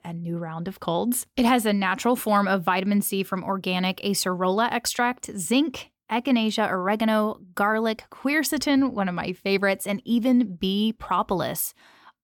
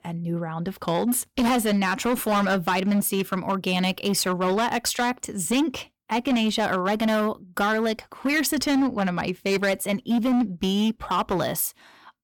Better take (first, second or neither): first